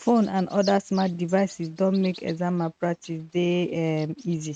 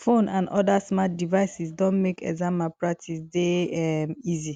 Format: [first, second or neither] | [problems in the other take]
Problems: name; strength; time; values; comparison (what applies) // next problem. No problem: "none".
second | noise reduction (neural mask model RNNoise)